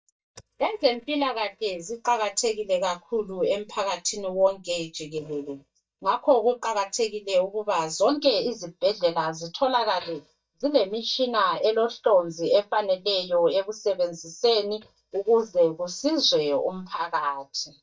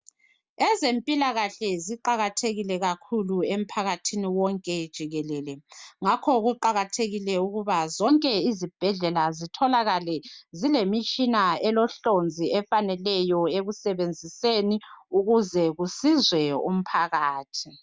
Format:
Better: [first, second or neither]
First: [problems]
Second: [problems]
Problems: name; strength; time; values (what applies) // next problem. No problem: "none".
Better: second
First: noise reduction (neural mask model DeepFilterNet 3)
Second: none